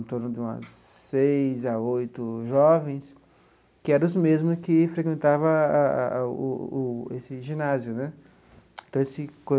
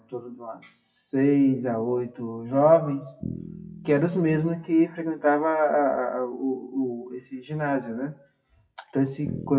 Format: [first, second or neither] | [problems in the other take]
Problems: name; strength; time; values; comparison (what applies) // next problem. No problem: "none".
first | noise reduction (classical method WPE with log-MMSE)